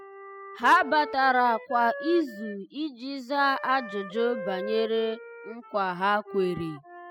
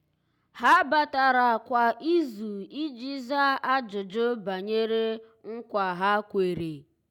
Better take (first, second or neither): second